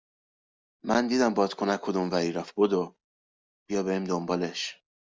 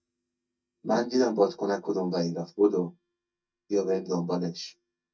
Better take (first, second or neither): first